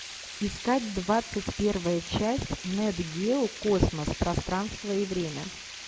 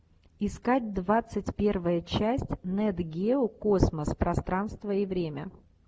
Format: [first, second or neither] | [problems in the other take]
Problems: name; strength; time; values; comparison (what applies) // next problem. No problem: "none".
second | background sound (Water); 12 dB below the speech